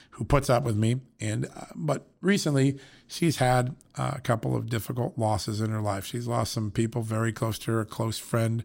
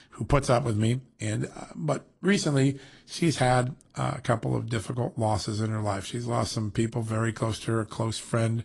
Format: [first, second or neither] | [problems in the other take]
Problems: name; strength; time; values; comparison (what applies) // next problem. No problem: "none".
first | garbled, watery; slightly; nothing above 10.5 kHz